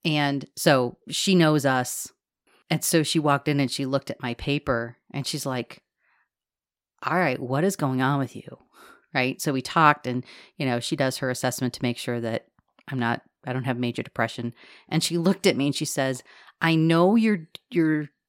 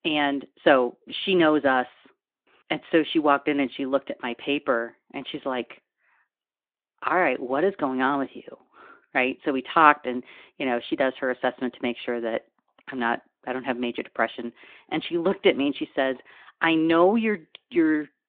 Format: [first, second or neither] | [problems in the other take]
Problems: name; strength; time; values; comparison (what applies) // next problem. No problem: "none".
first | phone-call audio